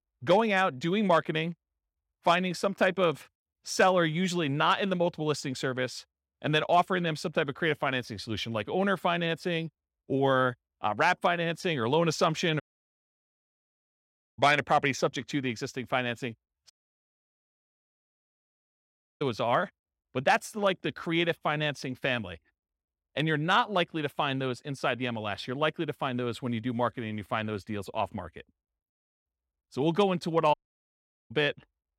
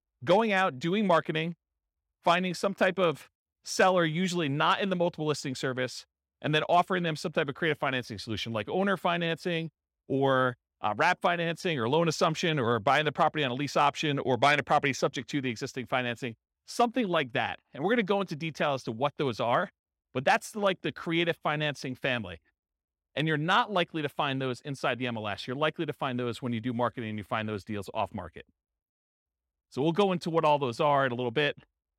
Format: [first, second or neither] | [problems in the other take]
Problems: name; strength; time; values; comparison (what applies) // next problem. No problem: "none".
second | audio cutting out; at 13 s for 2 s, at 17 s for 2.5 s and at 31 s for 1 s